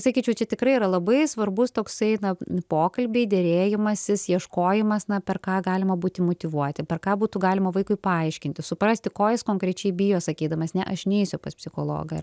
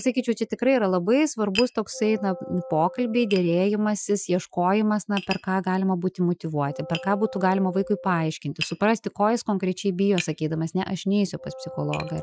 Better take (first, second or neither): first